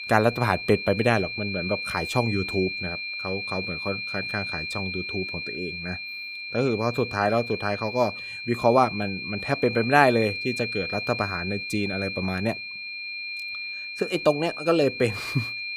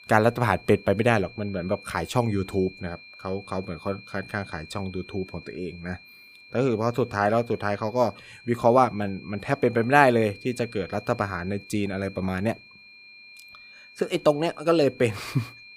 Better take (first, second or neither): second